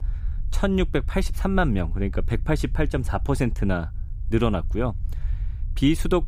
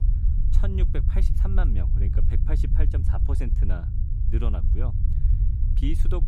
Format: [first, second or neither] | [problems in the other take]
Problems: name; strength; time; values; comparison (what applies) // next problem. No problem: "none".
first | low rumble; loud; throughout; 3 dB below the speech; faint in the first